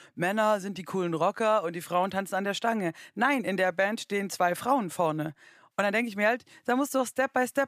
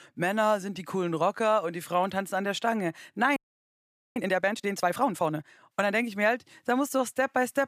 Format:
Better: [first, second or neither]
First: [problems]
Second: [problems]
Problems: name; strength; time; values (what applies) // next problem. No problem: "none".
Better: first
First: none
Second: audio freezing; at 3.5 s for 1 s